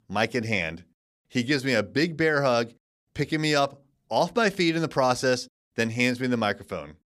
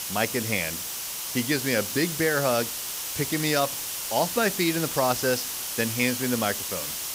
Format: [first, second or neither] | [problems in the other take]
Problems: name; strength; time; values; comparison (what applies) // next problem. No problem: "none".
first | hiss; loud; throughout; 3 dB below the speech